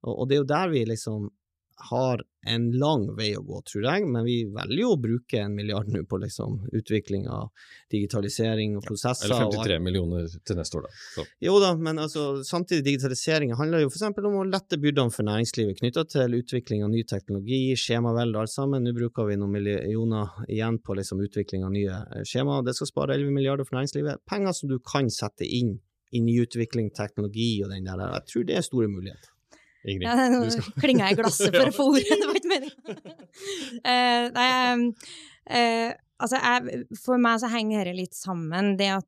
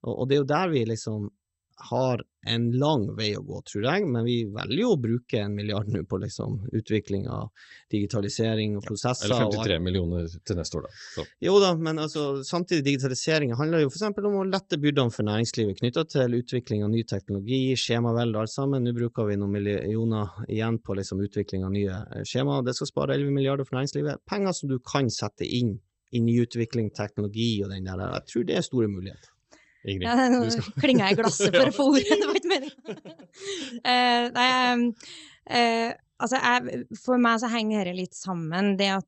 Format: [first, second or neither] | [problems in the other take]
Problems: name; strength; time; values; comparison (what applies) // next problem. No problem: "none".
first | garbled, watery; slightly; nothing above 8 kHz